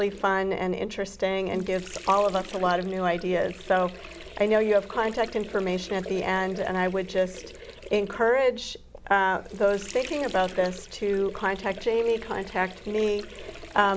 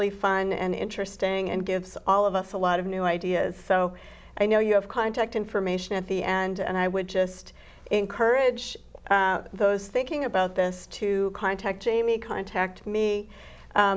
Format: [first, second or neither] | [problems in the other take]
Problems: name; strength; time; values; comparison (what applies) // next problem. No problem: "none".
second | background sound (Sink (filling or washing) / Water); 16 dB below the speech